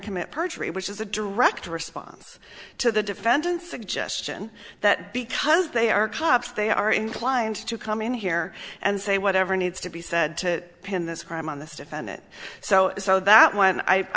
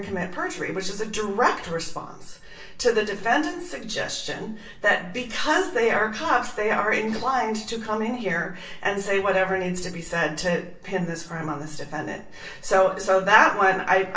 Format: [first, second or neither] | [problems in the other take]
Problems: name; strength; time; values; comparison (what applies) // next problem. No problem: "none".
first | room echo; dies away in 0.3 s